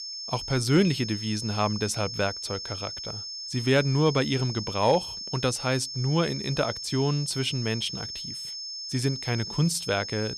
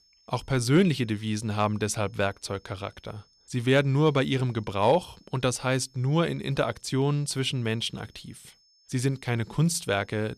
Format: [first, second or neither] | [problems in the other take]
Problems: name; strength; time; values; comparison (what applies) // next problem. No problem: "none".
second | high-pitched whine; loud; throughout; 5.5 kHz, 7 dB below the speech; faint in the second